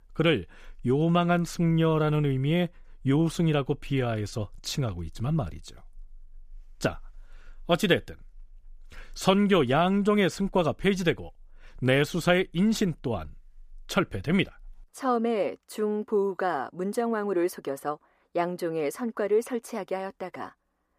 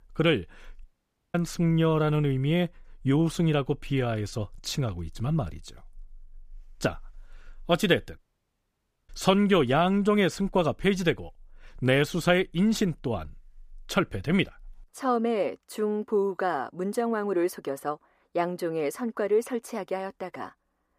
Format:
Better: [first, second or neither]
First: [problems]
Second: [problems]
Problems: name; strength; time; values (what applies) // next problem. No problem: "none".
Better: first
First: none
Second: audio cutting out; at 1 s for 0.5 s and at 8 s for 1 s